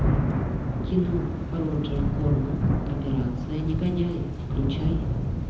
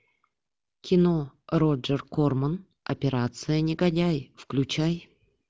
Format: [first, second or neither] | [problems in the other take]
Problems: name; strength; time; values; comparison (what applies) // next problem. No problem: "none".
second | background sound (Thunder / Rain); 3 dB above the speech // room echo; dies away in 0.8 s